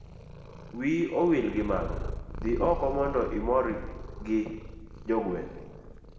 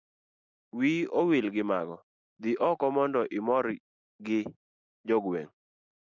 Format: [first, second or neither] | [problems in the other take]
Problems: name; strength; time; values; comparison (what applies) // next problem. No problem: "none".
second | background sound (Purr); 8 dB below the speech // room echo; dies away in 1.6 s